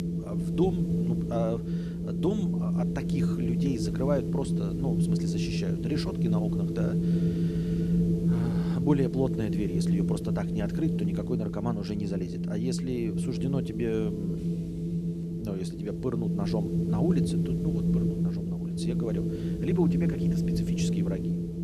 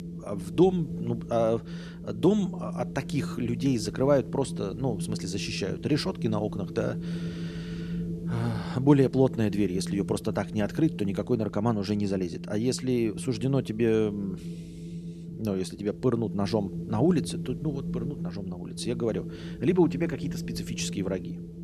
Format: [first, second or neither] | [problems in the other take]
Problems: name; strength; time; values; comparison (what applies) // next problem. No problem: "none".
second | wind noise on the microphone; heavy; as loud as the speech; occasional gusts in the second